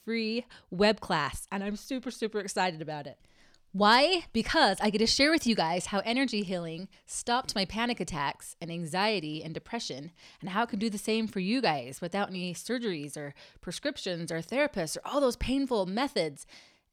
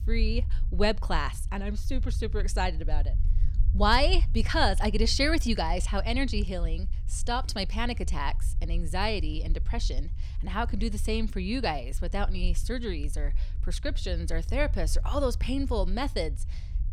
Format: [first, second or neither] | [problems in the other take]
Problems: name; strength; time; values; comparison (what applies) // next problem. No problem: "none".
first | low rumble; faint; throughout; 20 dB below the speech